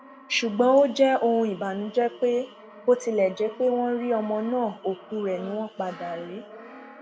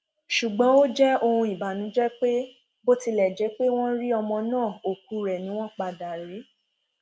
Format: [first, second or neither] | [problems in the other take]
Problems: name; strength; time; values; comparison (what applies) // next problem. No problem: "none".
second | background sound (Brass instrument); 20 dB below the speech